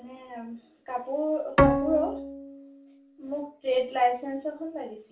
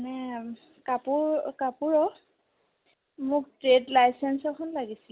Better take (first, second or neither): second